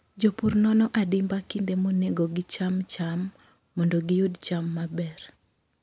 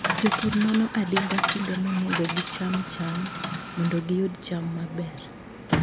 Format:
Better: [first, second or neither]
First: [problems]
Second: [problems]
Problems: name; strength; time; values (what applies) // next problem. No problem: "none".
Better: first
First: none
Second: background sound (Coin (dropping) / Chatter); 3 dB below the speech